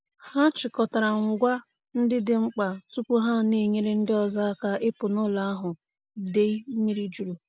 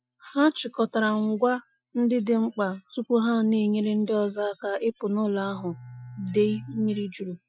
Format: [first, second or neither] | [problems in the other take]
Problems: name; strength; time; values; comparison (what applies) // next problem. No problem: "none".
first | noise reduction (classical method Wiener filter)